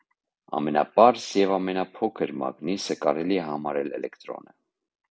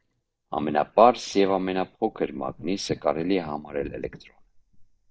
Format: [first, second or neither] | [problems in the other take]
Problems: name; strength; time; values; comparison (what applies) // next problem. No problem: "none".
first | noise reduction (neural mask model DeepFilterNet 3)